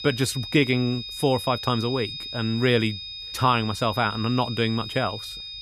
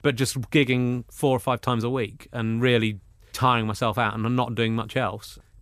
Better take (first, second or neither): second